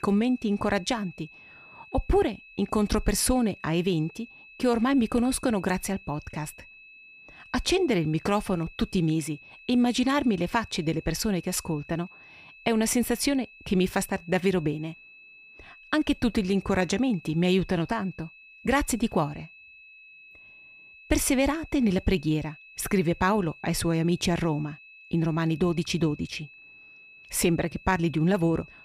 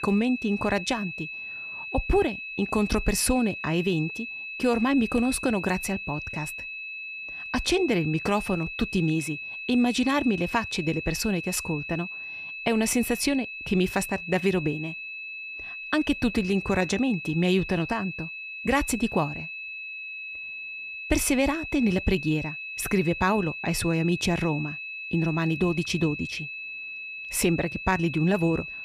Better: first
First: high-pitched whine; faint; throughout; 2.5 kHz, 20 dB below the speech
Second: high-pitched whine; loud; throughout; 2.5 kHz, 8 dB below the speech

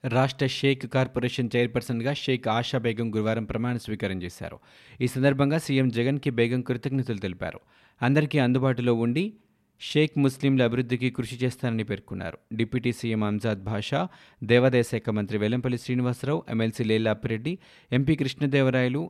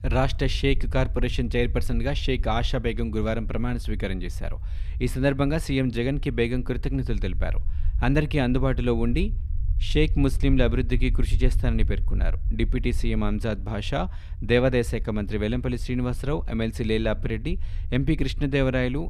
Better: first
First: none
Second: low rumble; faint; throughout; 25 dB below the speech

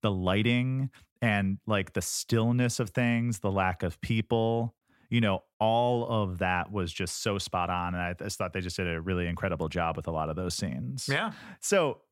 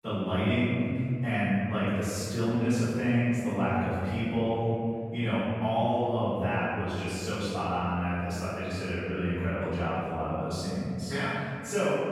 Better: first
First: none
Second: room echo; strong; dies away in 2.2 s // off-mic speech; far

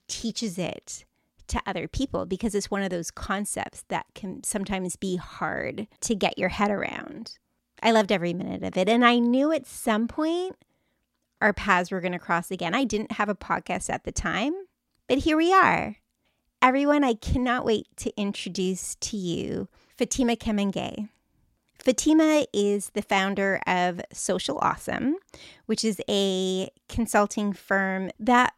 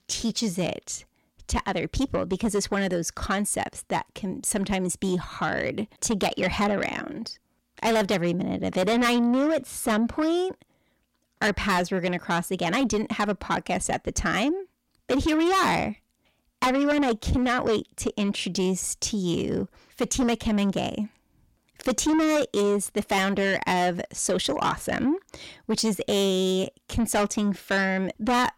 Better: first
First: none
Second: distortion; heavy; 7 dB below the speech

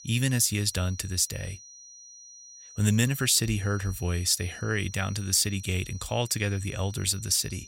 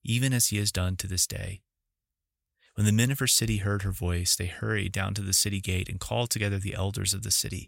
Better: second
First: high-pitched whine; noticeable; throughout; 6 kHz, 20 dB below the speech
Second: none

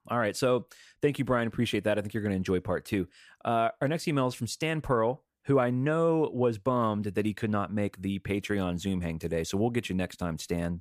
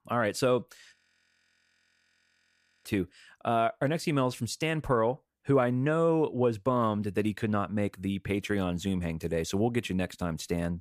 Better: first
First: none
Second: audio freezing; at 1 s for 2 s

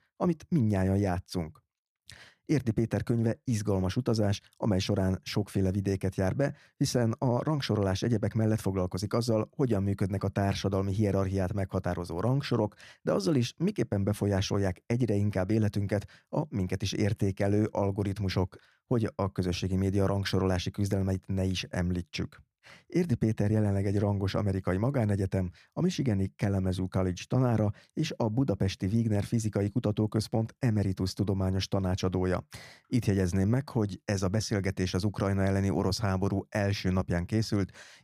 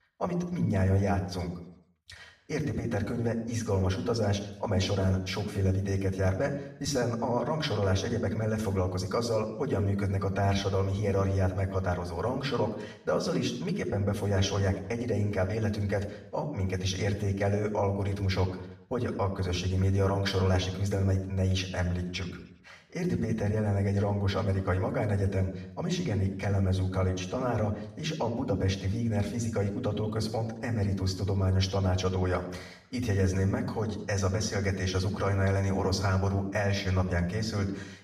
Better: first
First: none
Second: room echo; slight; dies away in 0.7 s // off-mic speech; far

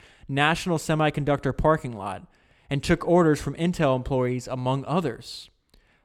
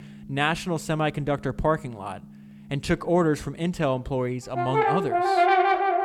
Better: first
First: none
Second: background music; very loud; throughout; 4 dB above the speech

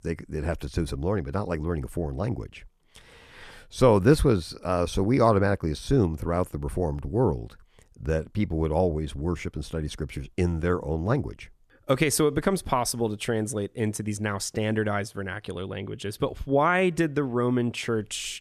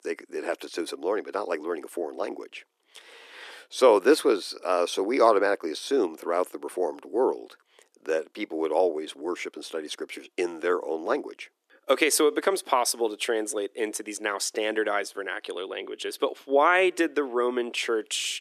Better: first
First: none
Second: thin; somewhat; fading below 300 Hz

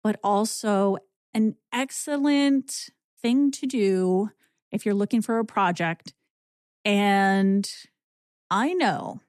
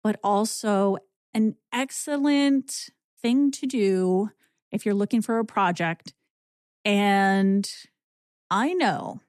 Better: neither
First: none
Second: none

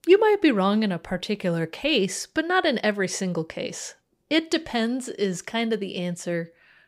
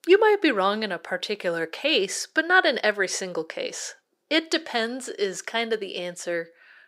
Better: first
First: none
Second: thin; somewhat; fading below 400 Hz

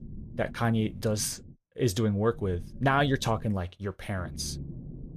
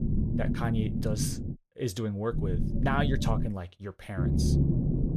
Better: first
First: low rumble; faint; until 1.5 s, from 2.5 to 3.5 s and at 4 s; 25 dB below the speech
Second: low rumble; loud; until 1.5 s, from 2.5 to 3.5 s and at 4 s; 3 dB below the speech

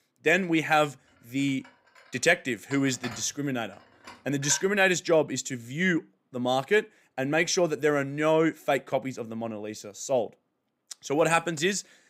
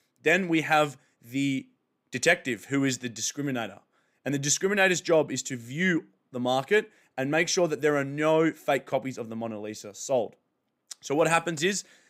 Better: second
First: clattering dishes; faint; from 1.5 to 4.5 s; peak 10 dB below the speech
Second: none

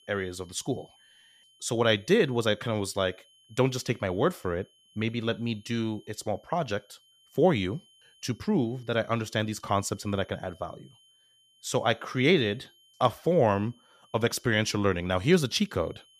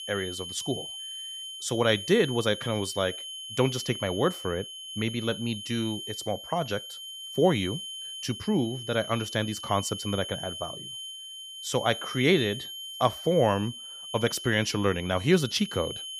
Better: first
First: high-pitched whine; faint; throughout; 3 kHz, 30 dB below the speech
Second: high-pitched whine; loud; throughout; 3 kHz, 9 dB below the speech

